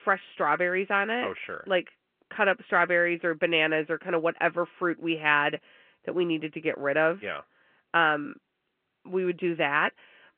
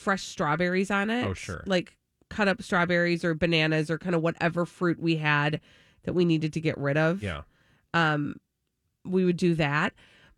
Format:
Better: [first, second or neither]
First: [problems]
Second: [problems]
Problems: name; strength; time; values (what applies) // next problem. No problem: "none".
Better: second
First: phone-call audio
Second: none